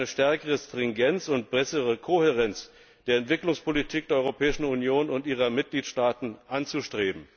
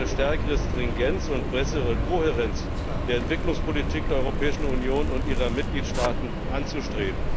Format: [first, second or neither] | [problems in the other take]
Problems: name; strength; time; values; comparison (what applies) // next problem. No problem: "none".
first | background sound (Subway, metro, underground + Zipper (clothing)); 3 dB above the speech